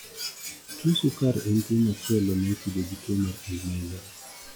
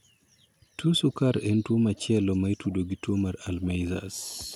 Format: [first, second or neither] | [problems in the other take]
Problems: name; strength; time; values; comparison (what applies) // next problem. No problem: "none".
second | noise reduction (classical method log-MMSE)